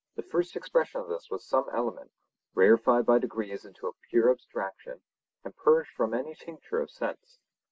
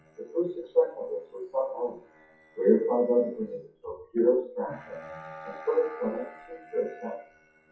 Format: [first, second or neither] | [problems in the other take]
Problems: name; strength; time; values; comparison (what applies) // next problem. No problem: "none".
first | noise reduction (classical method WPE with log-MMSE)